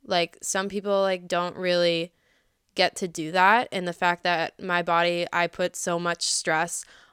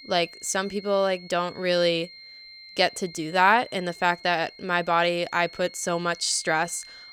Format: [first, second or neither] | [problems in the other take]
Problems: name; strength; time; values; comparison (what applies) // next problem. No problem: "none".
first | high-pitched whine; noticeable; throughout; 4 kHz, 20 dB below the speech